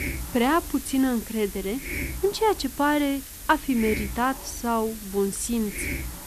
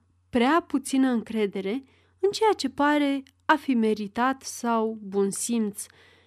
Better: second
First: hiss; loud; throughout; 9 dB below the speech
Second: none

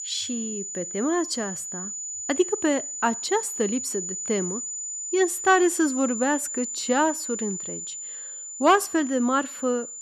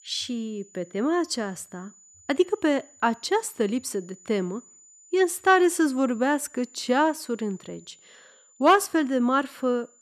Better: second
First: high-pitched whine; loud; throughout; 7 kHz, 6 dB below the speech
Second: high-pitched whine; faint; throughout; 7 kHz, 25 dB below the speech

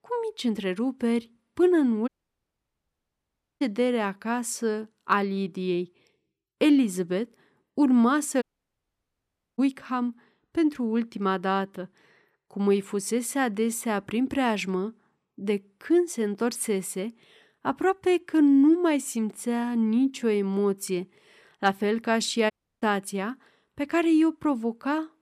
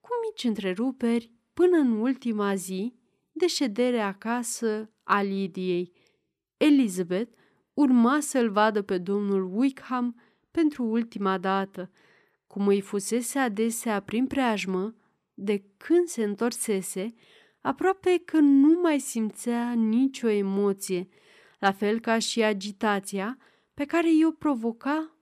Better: second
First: audio cutting out; at 2 s for 1.5 s, at 8.5 s for 1 s and at 23 s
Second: none

